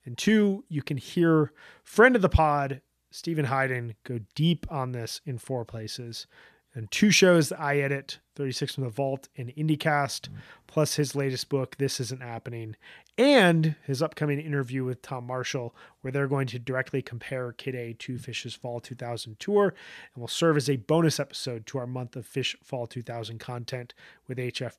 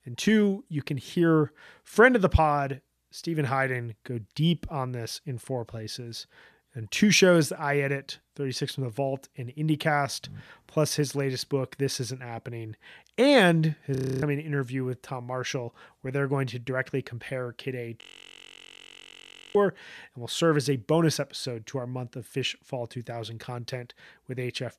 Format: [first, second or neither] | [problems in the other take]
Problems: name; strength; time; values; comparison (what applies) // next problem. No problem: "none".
first | audio freezing; at 14 s and at 18 s for 1.5 s